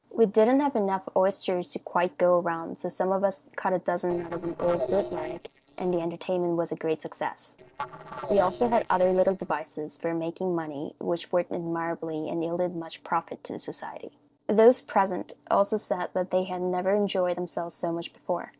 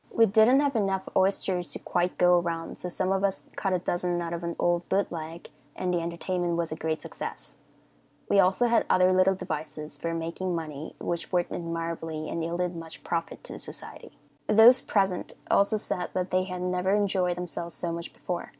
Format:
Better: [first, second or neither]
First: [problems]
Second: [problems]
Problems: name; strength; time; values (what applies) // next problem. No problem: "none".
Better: second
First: noise reduction (neural separator model SepFormer DNS4)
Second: none